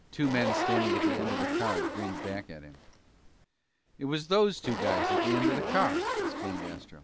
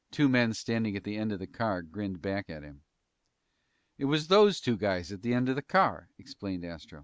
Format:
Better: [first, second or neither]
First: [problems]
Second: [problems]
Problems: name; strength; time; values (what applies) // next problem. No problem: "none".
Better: second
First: background sound (Zipper (clothing)); 1 dB above the speech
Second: none